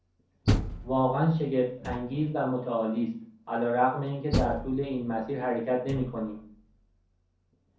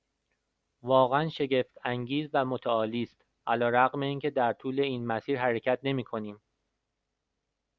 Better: second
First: background sound (Door); 6 dB below the speech // room echo; dies away in 0.5 s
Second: none

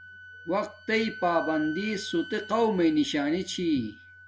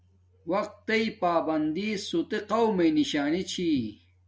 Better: second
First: background sound (Wind instrument, woodwind instrument); 16 dB below the speech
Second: none

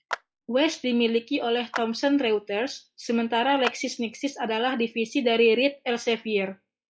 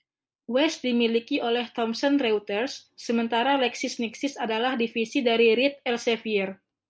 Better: second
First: noise reduction (classical method log-MMSE)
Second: none

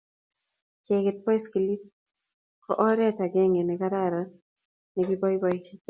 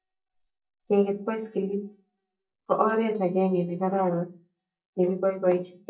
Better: first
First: none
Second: noise reduction (neural mask model DeepFilterNet 3)

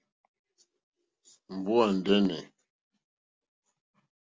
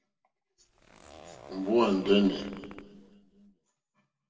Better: first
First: none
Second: background sound (Zipper (clothing)); 19 dB below the speech // room echo; dies away in 1.3 s

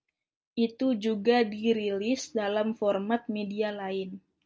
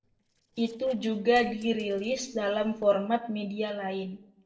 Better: first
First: none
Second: noise reduction (neural separator model SepFormer DNS4)

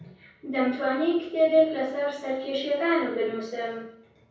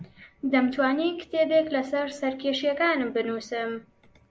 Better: second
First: room echo; dies away in 0.6 s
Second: none

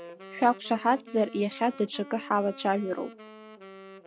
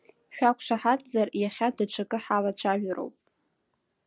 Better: second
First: background sound (Wind instrument, woodwind instrument); 18 dB below the speech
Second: none

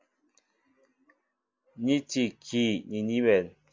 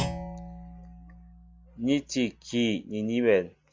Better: first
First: none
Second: background sound (Thump, thud); 11 dB below the speech

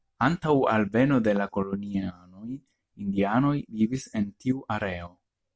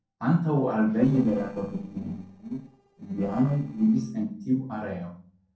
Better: first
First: none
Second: noise reduction (neural separator model SepFormer DNS4)

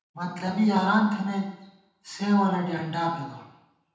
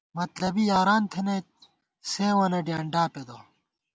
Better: second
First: room echo; dies away in 0.9 s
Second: none

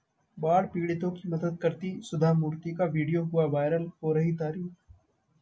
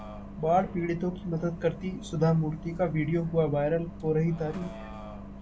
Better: first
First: none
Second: background sound (Bus); 12 dB below the speech

